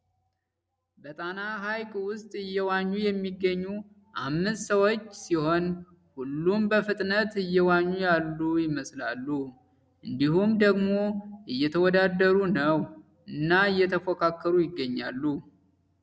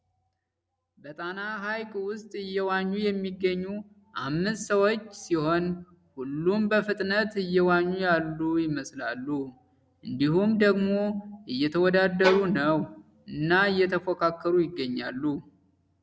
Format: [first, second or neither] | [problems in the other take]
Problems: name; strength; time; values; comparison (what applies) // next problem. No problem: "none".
first | background sound (Bowed string instrument); 7 dB below the speech